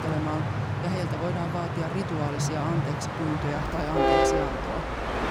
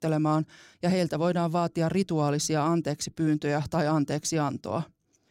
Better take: second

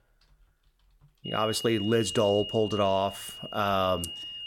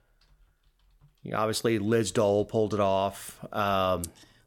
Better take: second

